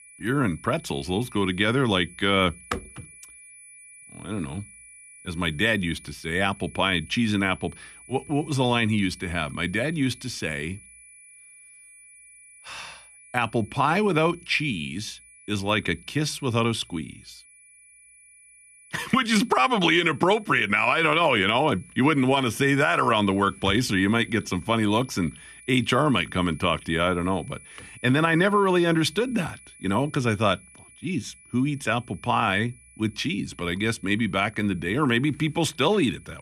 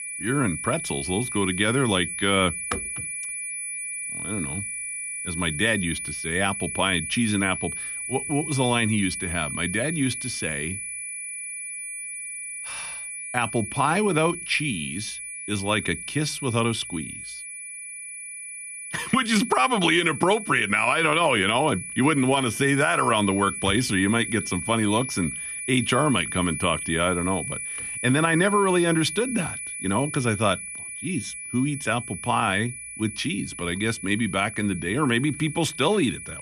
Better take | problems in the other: first | high-pitched whine; loud; throughout; 10 kHz, 7 dB below the speech; faint in the first

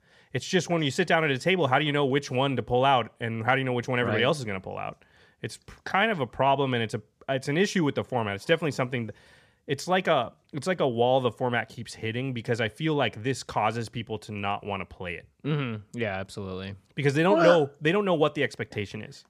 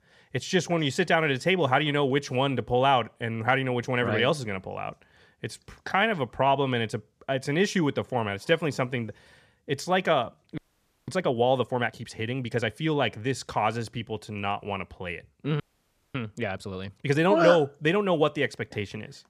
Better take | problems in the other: first | audio freezing; at 11 s for 0.5 s and at 16 s for 0.5 s

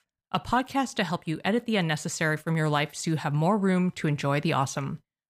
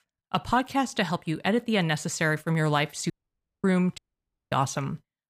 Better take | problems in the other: first | audio cutting out; at 3 s for 0.5 s and at 4 s for 0.5 s

